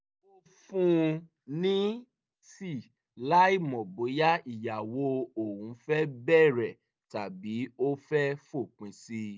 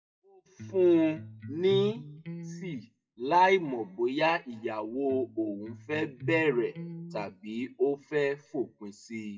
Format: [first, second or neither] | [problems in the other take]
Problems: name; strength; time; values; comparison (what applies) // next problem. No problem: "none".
first | noise reduction (classical method WPE with log-MMSE)